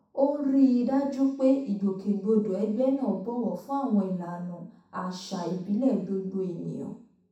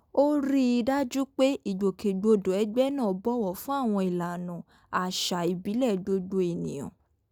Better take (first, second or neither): second